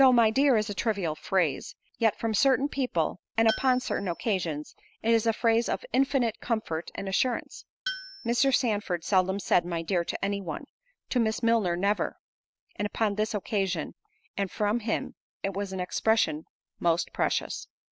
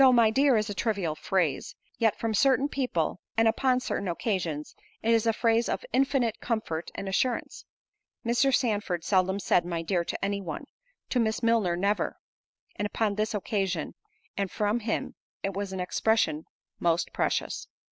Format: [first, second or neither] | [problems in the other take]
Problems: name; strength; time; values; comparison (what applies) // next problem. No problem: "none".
second | background sound (Tools); 10 dB below the speech